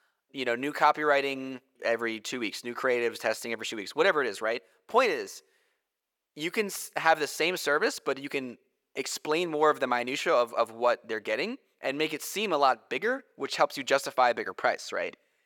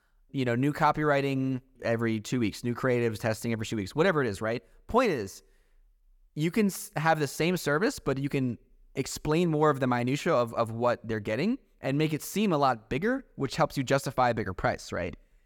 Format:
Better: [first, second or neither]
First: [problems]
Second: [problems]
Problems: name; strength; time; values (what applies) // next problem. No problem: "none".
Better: second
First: thin; somewhat; fading below 450 Hz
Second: none